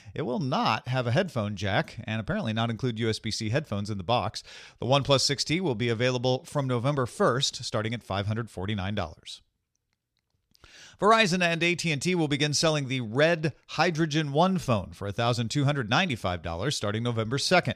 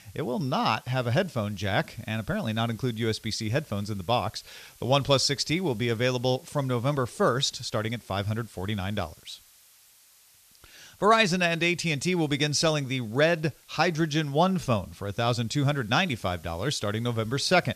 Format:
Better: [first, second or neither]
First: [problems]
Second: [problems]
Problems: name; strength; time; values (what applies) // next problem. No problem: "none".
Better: first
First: none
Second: hiss; faint; throughout; 25 dB below the speech